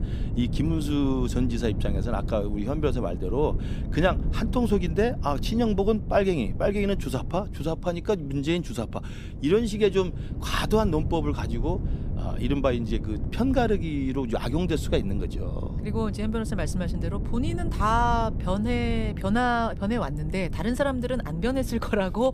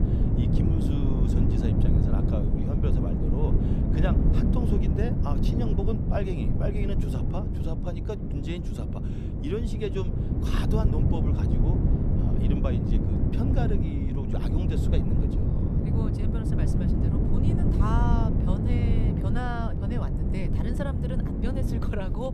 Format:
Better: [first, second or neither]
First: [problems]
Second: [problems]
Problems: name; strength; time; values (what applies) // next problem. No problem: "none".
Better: first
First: wind noise on the microphone; occasional gusts; 15 dB below the speech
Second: wind noise on the microphone; heavy; 1 dB above the speech